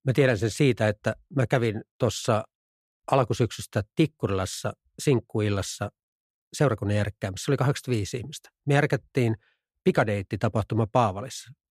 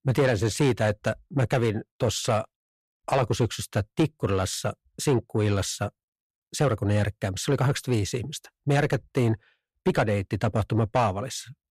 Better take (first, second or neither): first